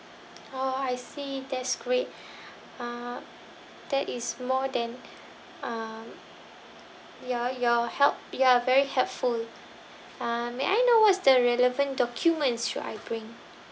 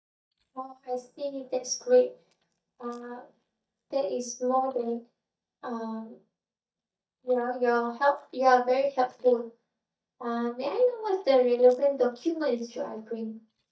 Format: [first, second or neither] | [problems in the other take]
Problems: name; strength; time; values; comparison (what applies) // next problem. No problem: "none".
first | noise reduction (neural mask model DeepFilterNet 3)